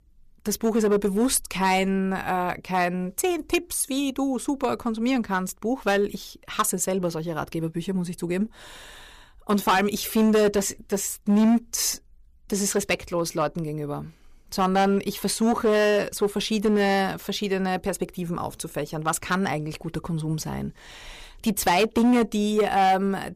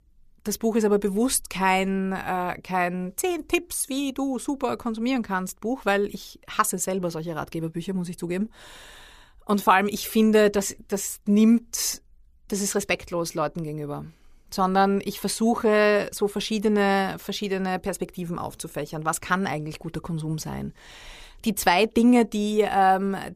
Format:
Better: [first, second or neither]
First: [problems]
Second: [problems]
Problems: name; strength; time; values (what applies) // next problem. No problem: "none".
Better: second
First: distortion; slight; 4% of the sound clipped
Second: none